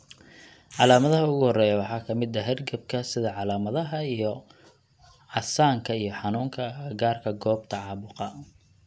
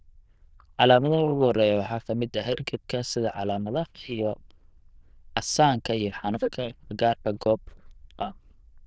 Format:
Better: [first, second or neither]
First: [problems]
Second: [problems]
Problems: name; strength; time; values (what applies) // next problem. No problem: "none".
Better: first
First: none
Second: noise reduction (neural diffusion model UNIVERSE++)